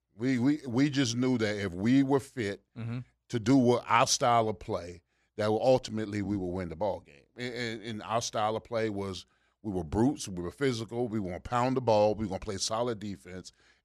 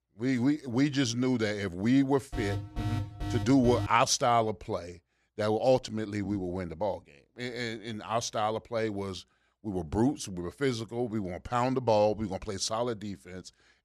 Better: first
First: none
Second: alarm; noticeable; from 2.5 to 4 s; peak 5 dB below the speech

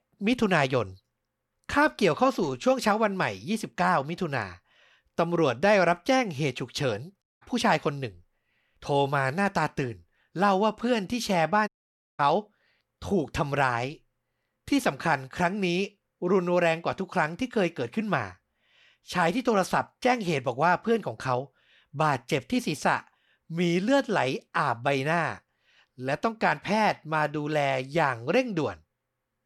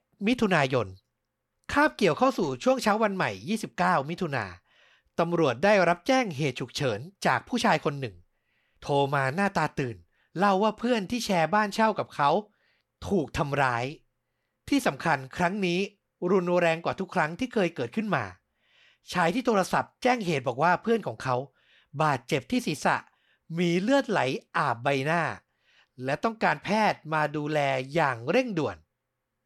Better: second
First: audio cutting out; at 7 s and at 12 s for 0.5 s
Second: none

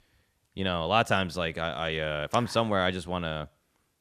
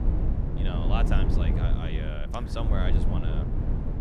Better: first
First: none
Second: low rumble; loud; throughout; 2 dB below the speech

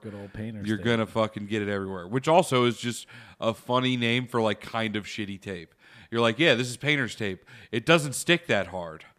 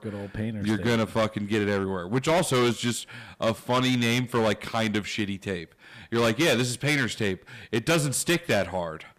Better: first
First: none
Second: distortion; heavy; 10% of the sound clipped

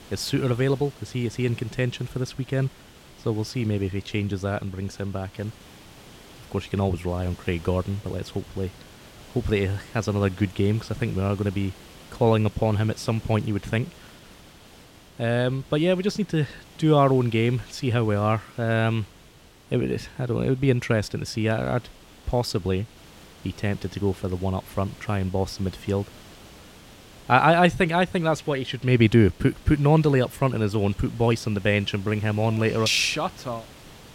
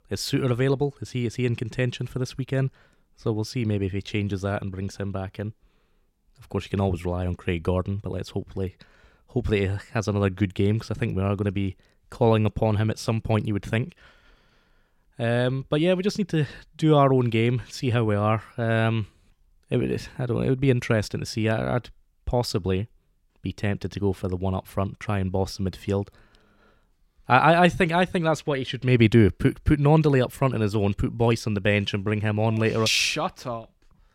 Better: second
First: hiss; faint; throughout; 20 dB below the speech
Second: none

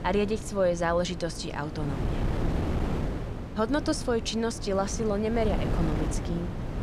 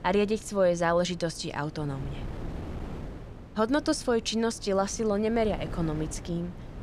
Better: second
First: wind noise on the microphone; heavy; 9 dB below the speech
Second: wind noise on the microphone; occasional gusts; 20 dB below the speech

